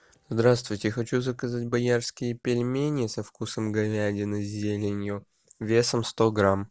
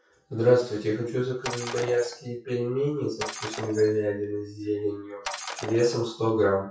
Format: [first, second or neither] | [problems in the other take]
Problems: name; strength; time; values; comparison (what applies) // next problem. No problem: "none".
first | noise reduction (classical method WPE with log-MMSE)